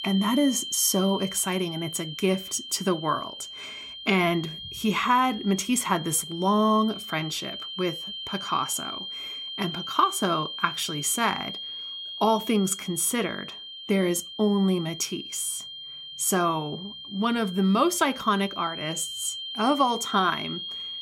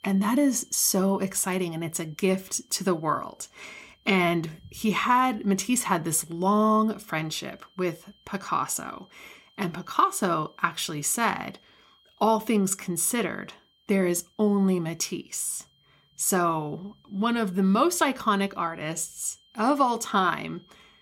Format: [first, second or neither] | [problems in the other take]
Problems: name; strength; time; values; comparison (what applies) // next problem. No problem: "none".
second | high-pitched whine; loud; throughout; 3 kHz, 9 dB below the speech; faint in the second